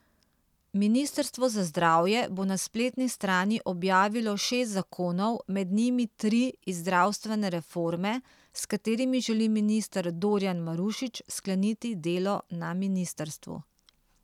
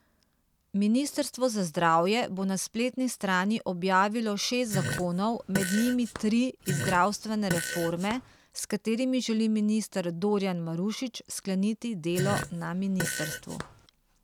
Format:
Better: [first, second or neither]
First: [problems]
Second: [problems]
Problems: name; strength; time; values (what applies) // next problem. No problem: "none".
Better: first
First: none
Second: background sound (Fart); 6 dB below the speech